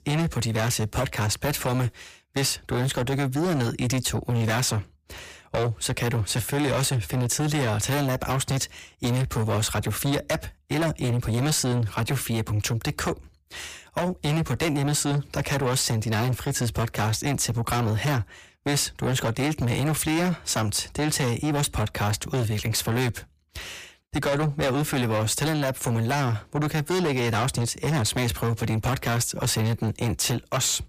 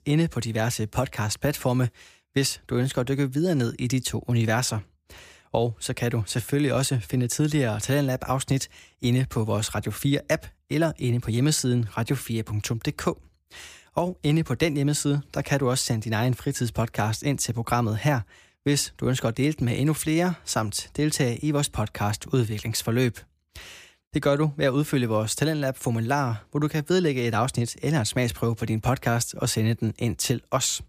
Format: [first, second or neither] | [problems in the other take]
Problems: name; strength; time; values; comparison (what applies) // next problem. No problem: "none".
second | distortion; heavy; 6 dB below the speech